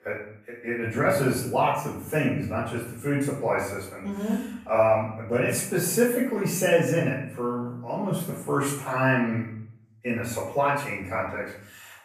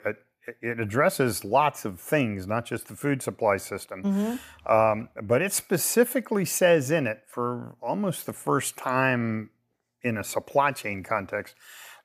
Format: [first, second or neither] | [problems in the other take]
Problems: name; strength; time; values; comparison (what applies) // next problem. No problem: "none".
second | room echo; noticeable; dies away in 0.6 s // off-mic speech; far